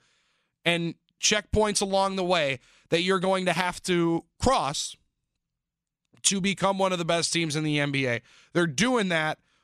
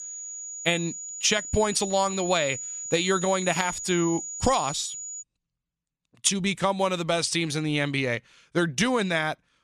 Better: first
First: none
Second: high-pitched whine; loud; until 5 s; 7 kHz, 7 dB below the speech

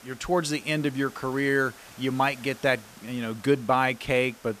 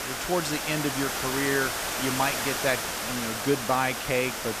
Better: first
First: hiss; faint; throughout; 20 dB below the speech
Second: hiss; loud; throughout; 1 dB below the speech

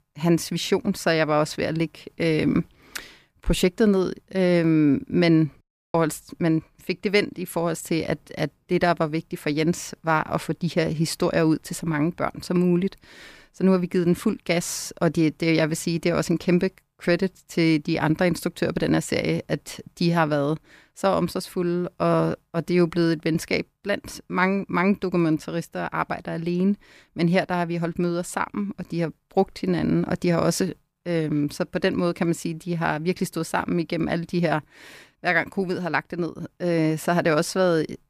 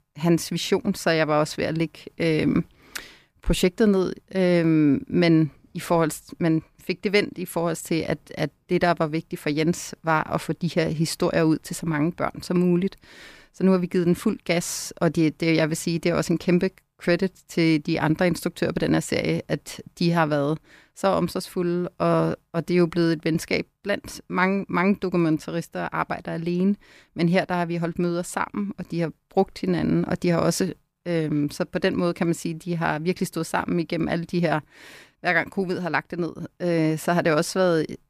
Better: second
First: audio cutting out; at 5.5 s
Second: none

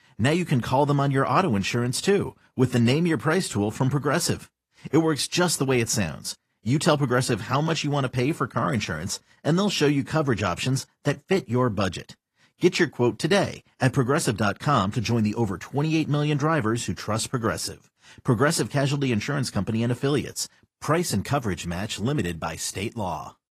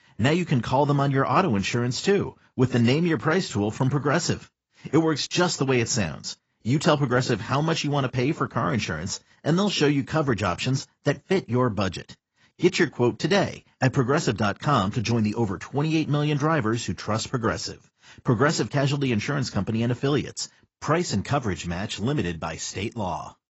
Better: first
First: garbled, watery; slightly; nothing above 14.5 kHz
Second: garbled, watery; badly; nothing above 7.5 kHz

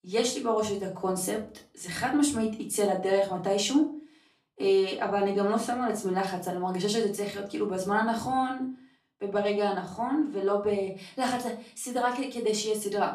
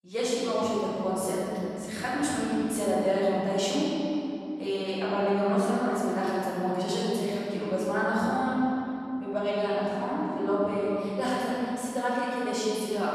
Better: first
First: room echo; slight; dies away in 0.3 s // off-mic speech; far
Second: room echo; strong; dies away in 2.7 s // off-mic speech; far

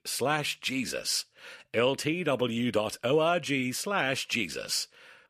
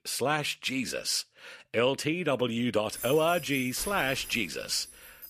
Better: first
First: none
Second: jangling keys; noticeable; from 3 s on; peak 9 dB below the speech

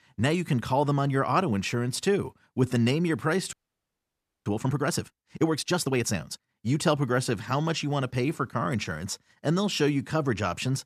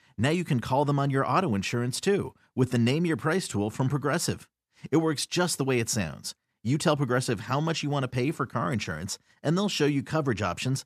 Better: second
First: audio freezing; at 3.5 s for 1 s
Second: none

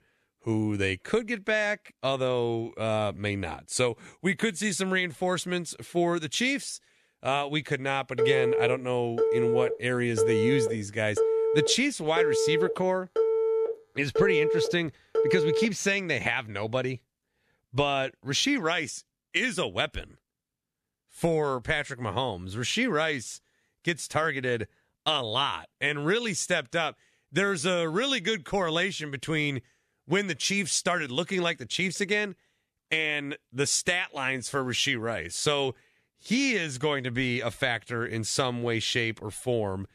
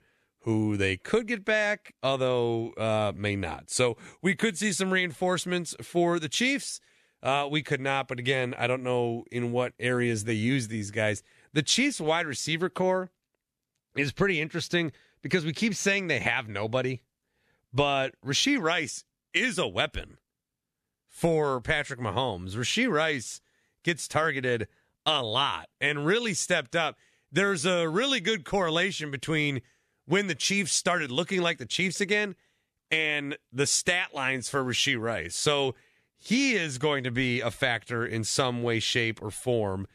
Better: second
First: phone ringing; loud; from 8 to 16 s; peak 3 dB above the speech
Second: none

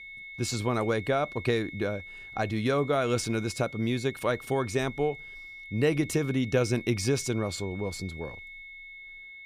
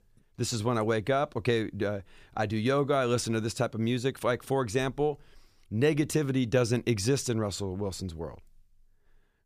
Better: second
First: high-pitched whine; noticeable; throughout; 2 kHz, 15 dB below the speech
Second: none

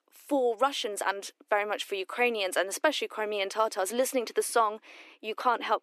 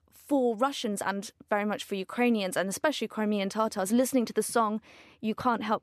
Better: second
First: thin; somewhat; fading below 300 Hz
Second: none

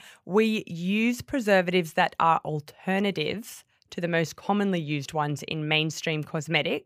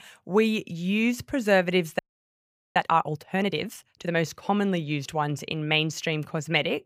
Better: first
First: none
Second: audio freezing; at 2 s for 1 s

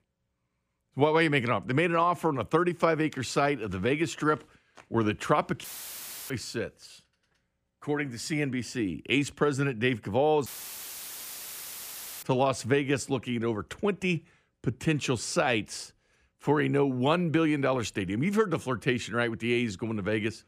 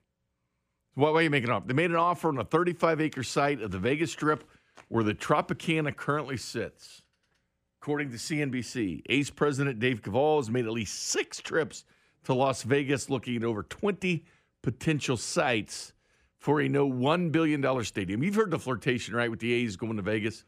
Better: second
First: audio cutting out; filled with static; at 5.5 s for 0.5 s and at 10 s for 2 s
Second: none

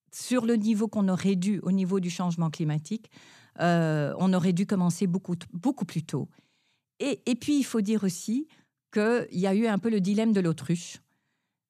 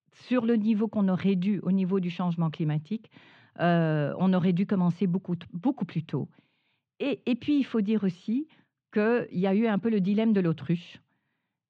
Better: first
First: none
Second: muffled; very; fading above 3 kHz

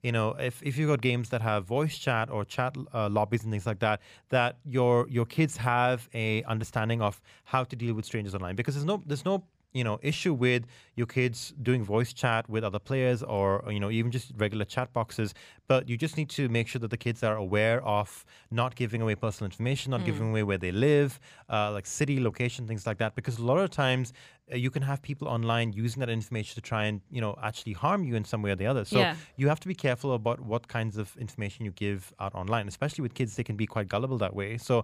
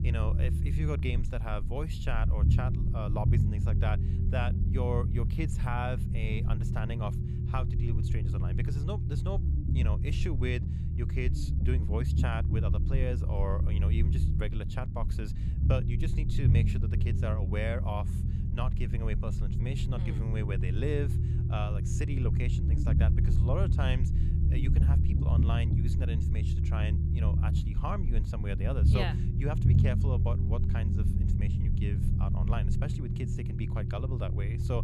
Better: first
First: none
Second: low rumble; loud; throughout; 3 dB below the speech

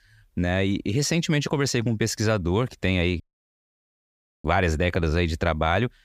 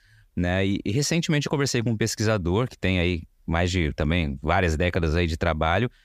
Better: second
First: audio cutting out; at 3 s for 1 s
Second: none

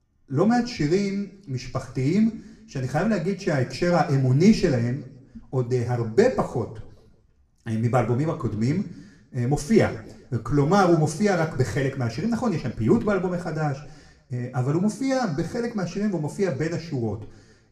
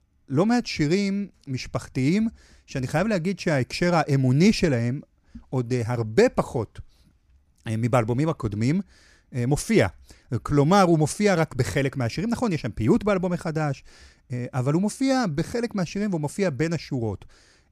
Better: second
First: room echo; slight; dies away in 0.6 s // off-mic speech; somewhat distant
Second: none

